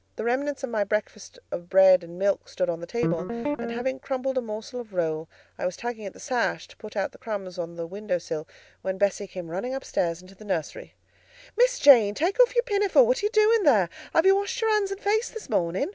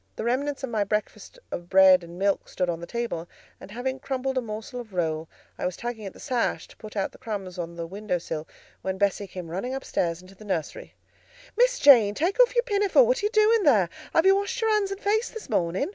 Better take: second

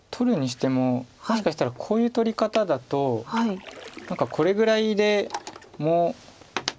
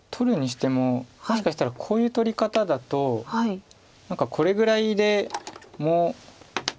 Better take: second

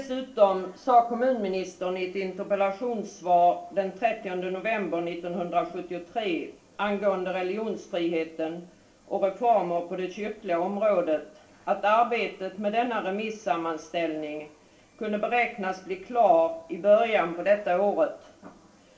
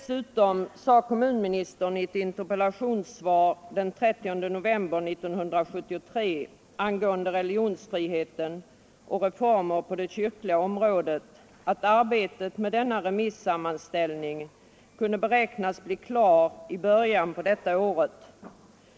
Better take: second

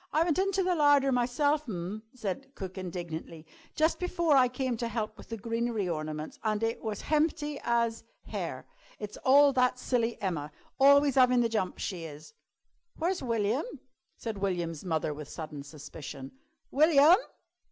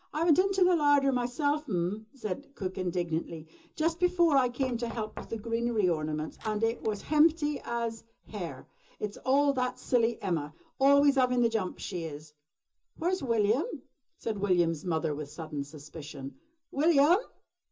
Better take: first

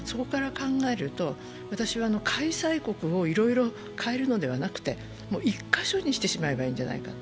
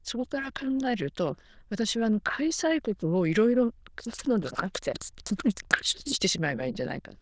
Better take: first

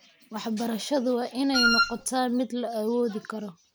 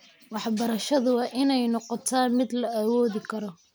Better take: second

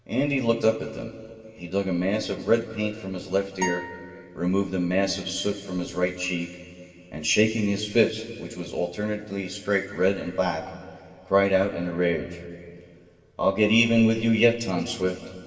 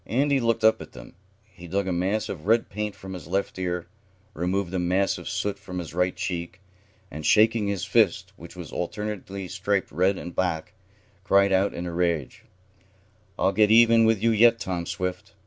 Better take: second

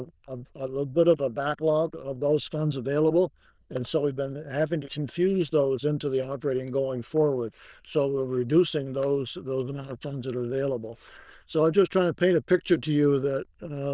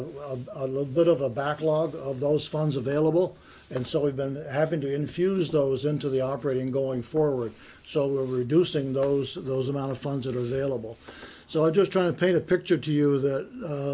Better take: second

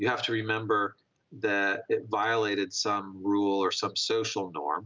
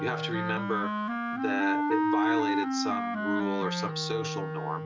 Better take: first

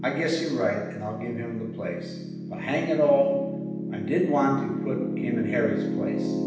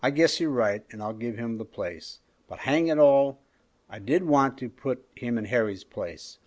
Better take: second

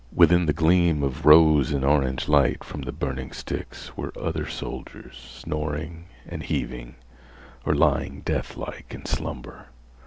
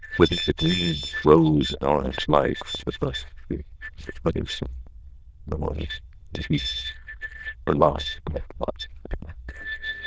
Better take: first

